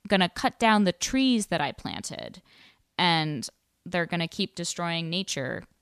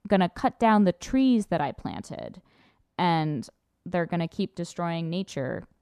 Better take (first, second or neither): first